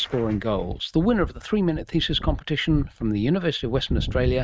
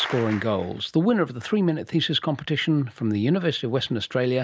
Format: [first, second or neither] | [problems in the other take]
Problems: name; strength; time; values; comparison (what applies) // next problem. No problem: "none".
second | noise reduction (neural mask model RNNoise)